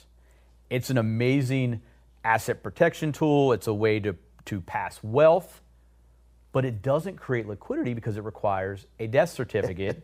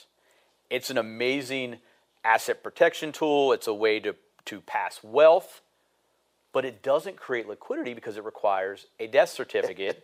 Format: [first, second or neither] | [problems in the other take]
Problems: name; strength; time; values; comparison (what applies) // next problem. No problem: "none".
first | thin; somewhat; fading below 450 Hz